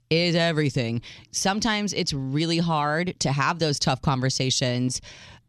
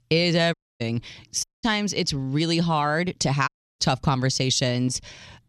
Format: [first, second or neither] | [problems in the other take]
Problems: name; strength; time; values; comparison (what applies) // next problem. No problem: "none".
first | audio cutting out; at 0.5 s, at 1.5 s and at 3.5 s